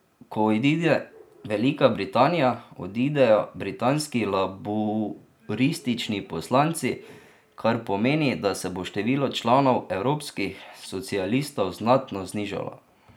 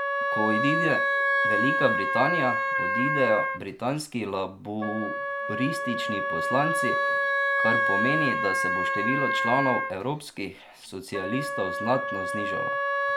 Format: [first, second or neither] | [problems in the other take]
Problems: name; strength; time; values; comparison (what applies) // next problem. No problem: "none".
first | background sound (Wind instrument, woodwind instrument); 3 dB above the speech